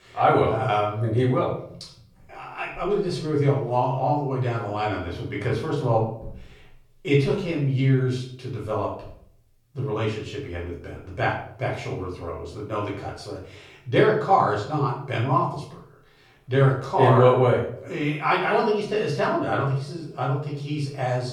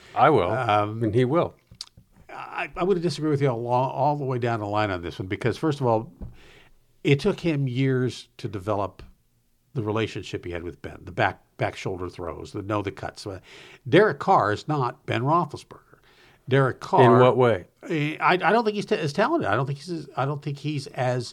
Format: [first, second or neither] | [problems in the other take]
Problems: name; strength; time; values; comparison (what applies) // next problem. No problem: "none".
second | off-mic speech; far // room echo; noticeable; dies away in 0.5 s